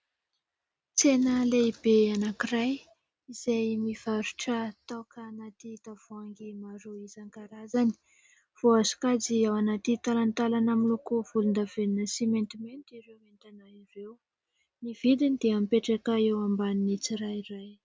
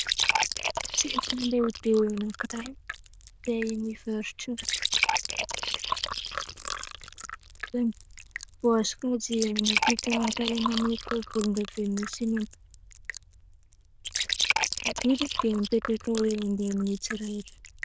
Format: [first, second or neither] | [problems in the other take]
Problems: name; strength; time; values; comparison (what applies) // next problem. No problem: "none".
first | noise reduction (neural diffusion model UNIVERSE++)